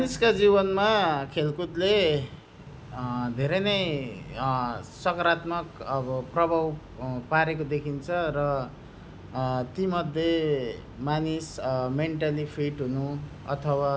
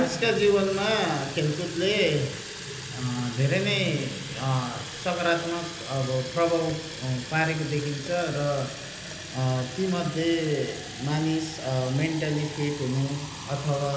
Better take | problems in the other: first | background sound (Fill (with liquid) / Water tap, faucet); 12 dB below the speech // room echo; dies away in 0.8 s

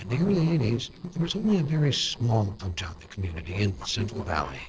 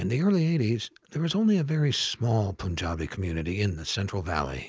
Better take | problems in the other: second | noise reduction (neural separator model SepFormer DNS4)

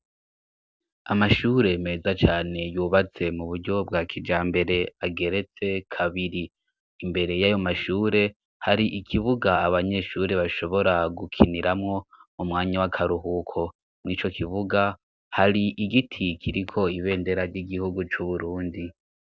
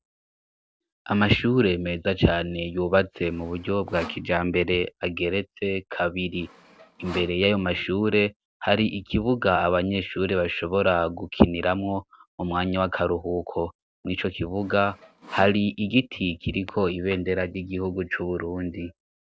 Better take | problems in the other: first | background sound (Sawing); 19 dB below the speech

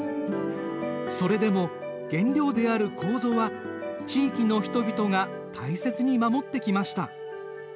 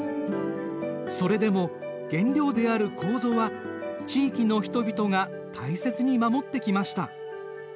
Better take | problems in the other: second | background sound (Bowed string instrument); 14 dB below the speech

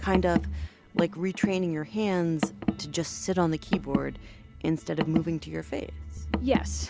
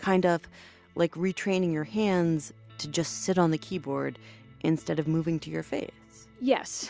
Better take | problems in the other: second | background sound (Car); 3 dB below the speech

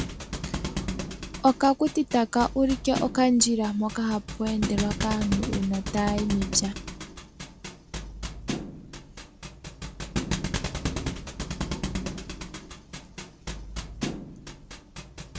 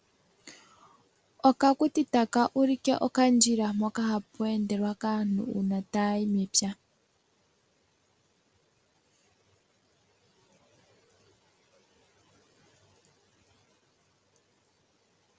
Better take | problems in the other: second | background sound (Thump, thud); 5 dB below the speech

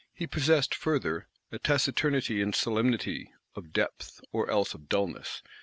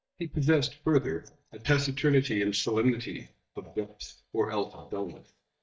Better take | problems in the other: first | noise reduction (neural mask model DeepFilterNet 3)

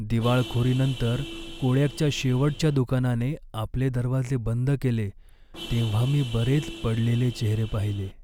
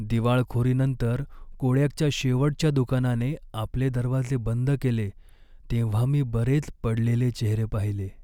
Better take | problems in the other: second | background sound (Vehicle horn, car horn, honking); 15 dB below the speech

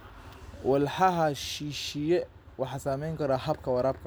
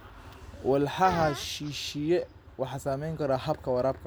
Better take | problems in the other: first | background sound (Fart); 13 dB below the speech

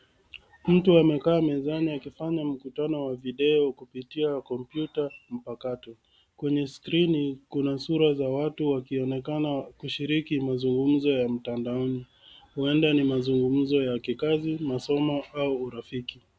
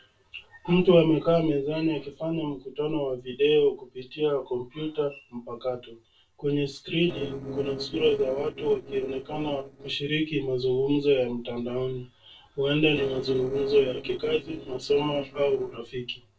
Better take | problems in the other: first | noise reduction (neural separator model SepFormer DNS4)

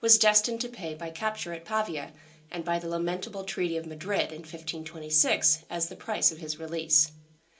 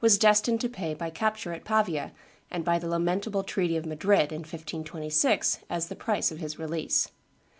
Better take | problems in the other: second | room echo; dies away in 0.2 s

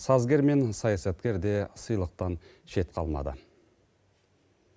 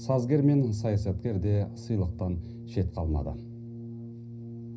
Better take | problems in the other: first | background sound (Brass instrument); 12 dB below the speech // room echo; dies away in 0.4 s

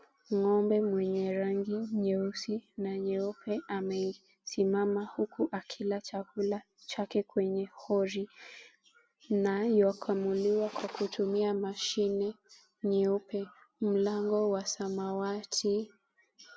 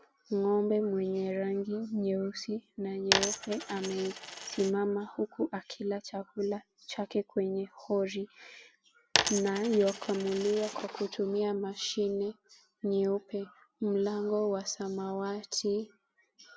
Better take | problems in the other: first | background sound (Coin (dropping)); 2 dB below the speech

